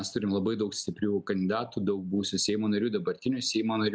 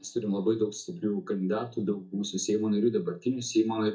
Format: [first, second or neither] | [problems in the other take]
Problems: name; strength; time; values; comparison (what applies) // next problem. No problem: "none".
first | noise reduction (neural mask model DeepFilterNet 3)